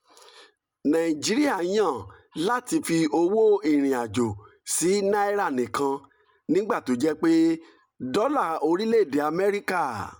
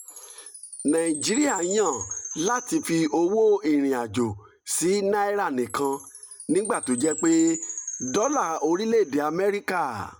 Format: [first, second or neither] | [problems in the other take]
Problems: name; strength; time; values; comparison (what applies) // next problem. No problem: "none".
first | background sound (Chime); 13 dB below the speech